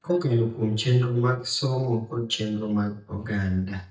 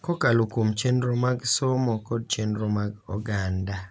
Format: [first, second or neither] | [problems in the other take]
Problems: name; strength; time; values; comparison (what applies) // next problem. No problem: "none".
second | noise reduction (neural mask model DeepFilterNet 3)